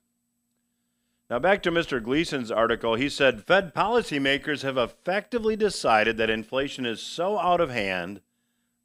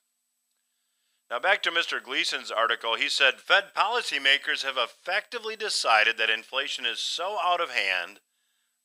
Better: first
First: none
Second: thin; very; fading below 850 Hz

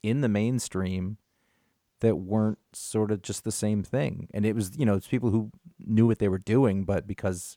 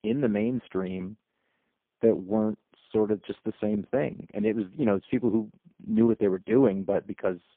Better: first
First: none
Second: phone-call audio; poor line

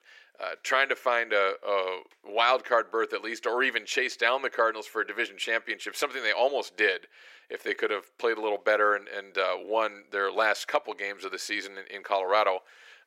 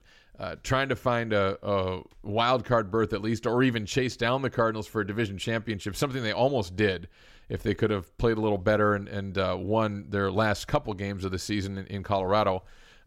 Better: second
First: thin; very; fading below 400 Hz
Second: none

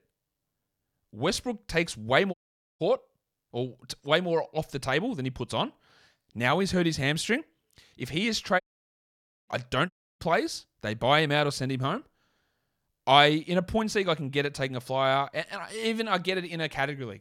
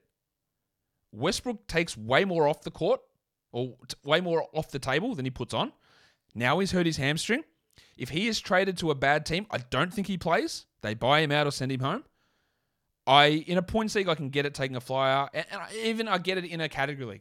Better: second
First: audio cutting out; at 2.5 s, at 8.5 s for 1 s and at 10 s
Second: none

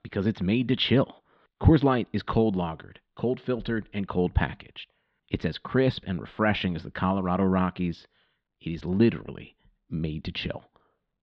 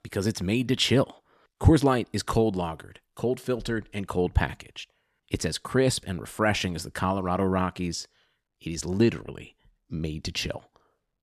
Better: second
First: muffled; slightly; fading above 3.5 kHz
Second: none

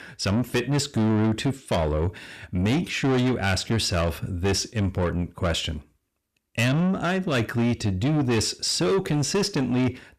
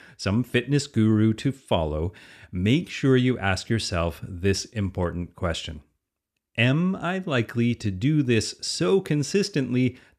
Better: second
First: distortion; heavy; 8 dB below the speech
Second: none

